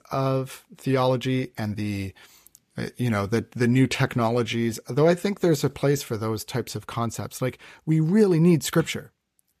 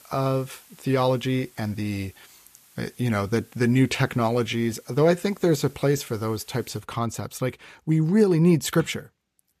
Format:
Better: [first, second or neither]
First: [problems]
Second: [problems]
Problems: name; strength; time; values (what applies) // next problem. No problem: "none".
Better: first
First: none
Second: hiss; faint; until 7 s; 30 dB below the speech